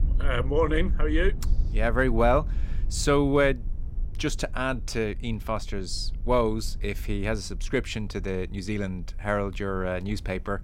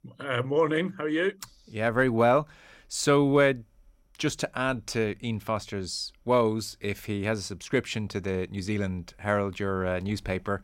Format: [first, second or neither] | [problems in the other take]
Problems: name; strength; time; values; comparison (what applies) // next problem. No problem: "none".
second | low rumble; faint; throughout; 25 dB below the speech